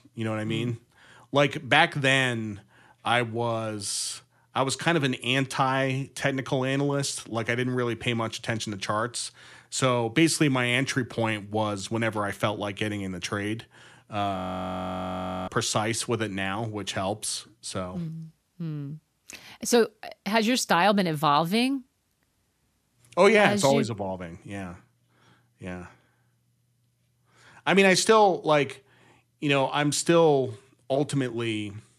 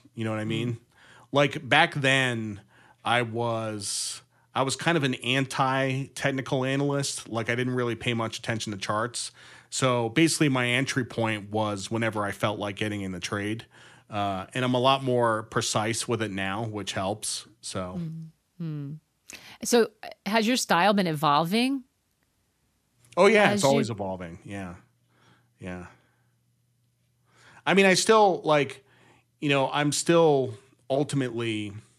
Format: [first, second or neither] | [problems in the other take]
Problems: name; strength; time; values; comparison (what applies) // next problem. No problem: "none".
second | audio freezing; at 14 s for 1 s